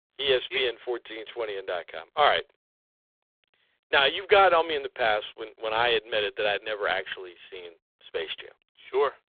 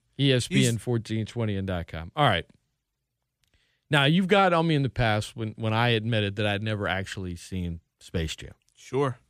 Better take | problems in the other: second | phone-call audio; poor line; nothing above 3.5 kHz

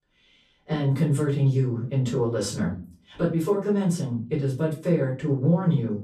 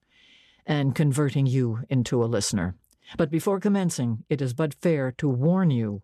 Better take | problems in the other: second | room echo; slight; dies away in 0.3 s // off-mic speech; far

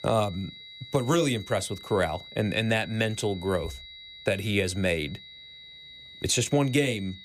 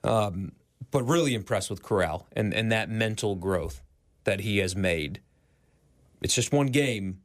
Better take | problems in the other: second | high-pitched whine; noticeable; throughout; 4 kHz, 15 dB below the speech

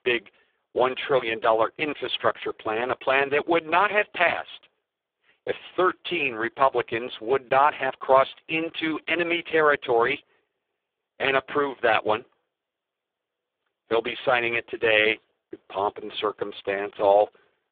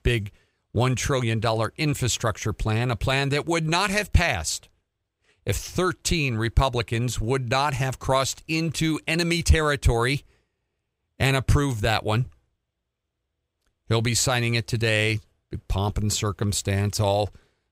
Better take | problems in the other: second | phone-call audio; poor line

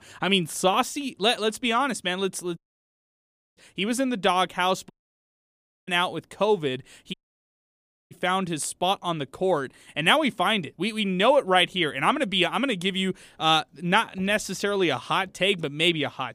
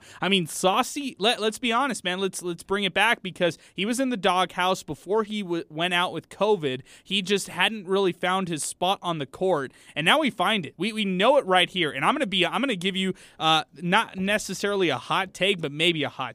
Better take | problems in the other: second | audio cutting out; at 2.5 s for 1 s, at 5 s for 1 s and at 7 s for 1 s

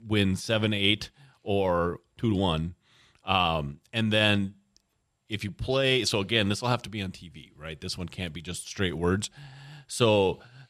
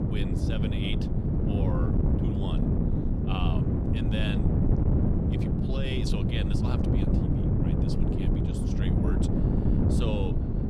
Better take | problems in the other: first | wind noise on the microphone; heavy; 3 dB above the speech

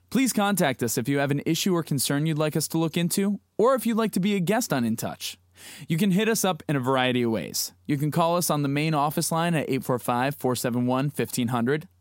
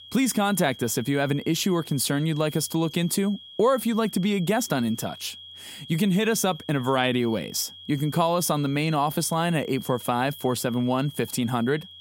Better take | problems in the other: first | high-pitched whine; noticeable; throughout; 3.5 kHz, 15 dB below the speech

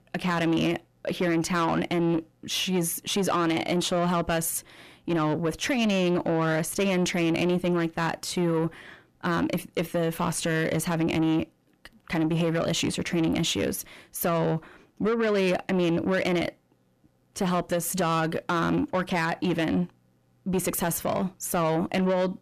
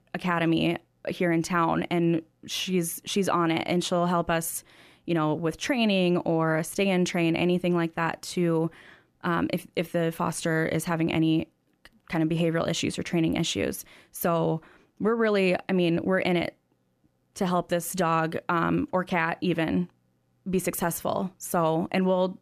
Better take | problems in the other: second | distortion; slight; 10 dB below the speech

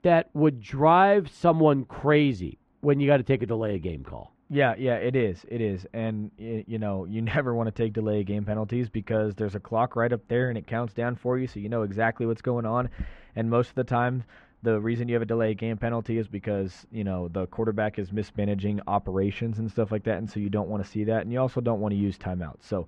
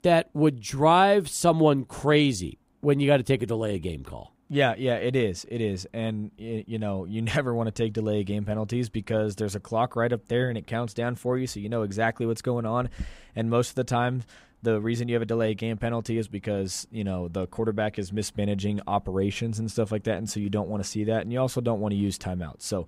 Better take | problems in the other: second | muffled; very; fading above 2 kHz

